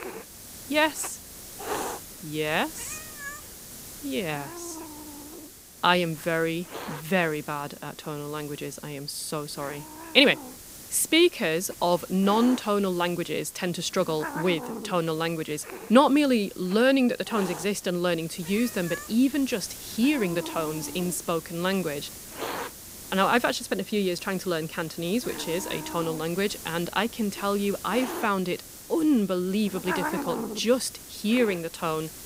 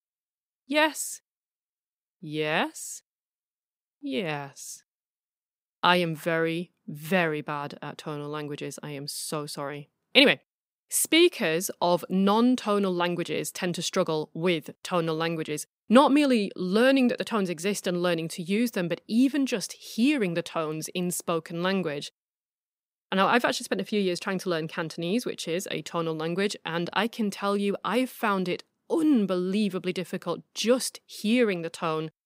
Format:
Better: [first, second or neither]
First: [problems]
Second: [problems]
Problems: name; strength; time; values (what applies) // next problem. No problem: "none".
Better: second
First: hiss; noticeable; throughout; 10 dB below the speech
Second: none